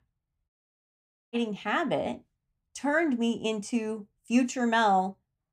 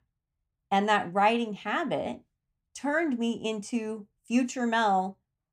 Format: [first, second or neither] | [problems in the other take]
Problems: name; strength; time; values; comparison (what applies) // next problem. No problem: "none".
second | audio cutting out; at 0.5 s for 1 s